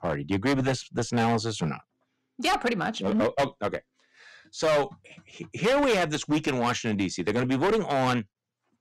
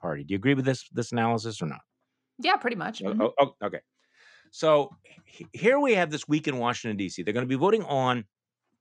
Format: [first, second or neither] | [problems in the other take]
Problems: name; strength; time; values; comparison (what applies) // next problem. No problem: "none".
second | distortion; heavy; 12% of the sound clipped